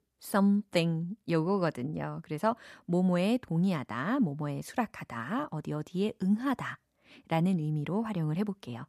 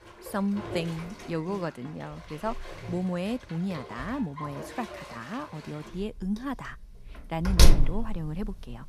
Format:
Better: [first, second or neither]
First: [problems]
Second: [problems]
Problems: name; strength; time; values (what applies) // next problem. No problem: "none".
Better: first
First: none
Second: household noises; very loud; throughout; 3 dB above the speech